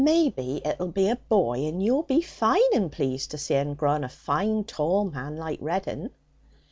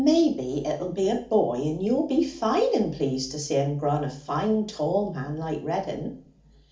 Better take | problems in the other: first | room echo; dies away in 0.4 s

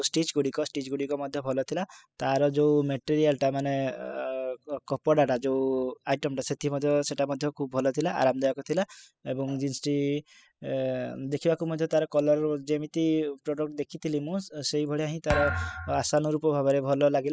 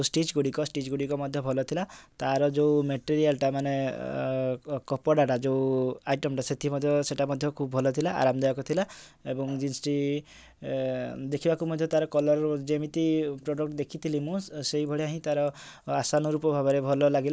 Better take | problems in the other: second | noise reduction (classical method spectral subtraction)

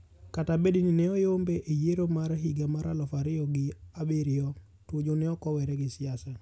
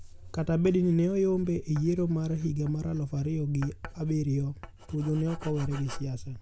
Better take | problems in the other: first | background sound (Writing); 14 dB below the speech

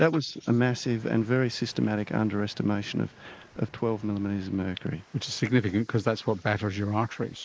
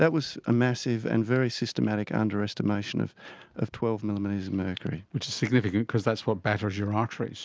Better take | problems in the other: second | noise reduction (neural mask model Resemble Enhance denoiser)

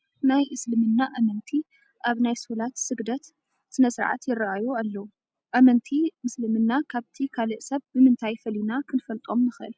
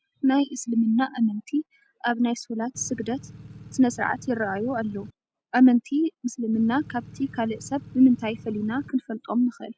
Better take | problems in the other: first | background sound (Engine / Truck / Car); 18 dB below the speech

